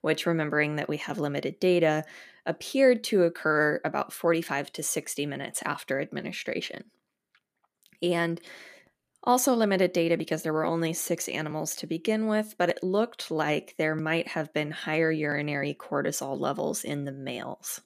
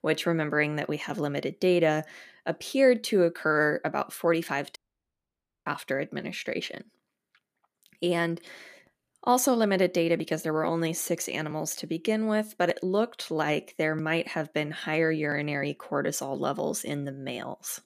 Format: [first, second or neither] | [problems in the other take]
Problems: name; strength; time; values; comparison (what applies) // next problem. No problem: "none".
first | audio cutting out; at 5 s for 1 s